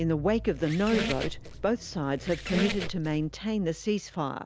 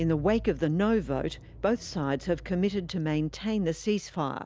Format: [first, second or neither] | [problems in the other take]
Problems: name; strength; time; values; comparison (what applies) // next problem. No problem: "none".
second | background sound (Squeak); 7 dB below the speech